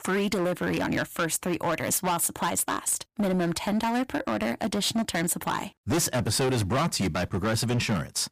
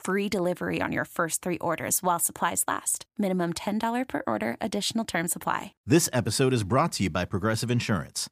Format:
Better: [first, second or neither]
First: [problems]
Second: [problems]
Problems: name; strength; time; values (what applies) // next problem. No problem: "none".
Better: second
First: distortion; heavy; 18% of the sound clipped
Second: none